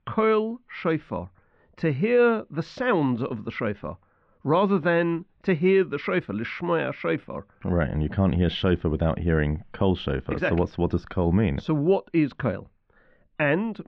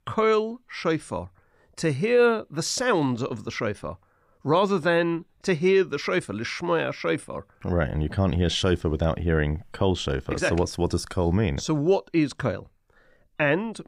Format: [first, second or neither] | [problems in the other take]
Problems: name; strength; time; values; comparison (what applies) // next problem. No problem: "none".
second | muffled; very; fading above 3 kHz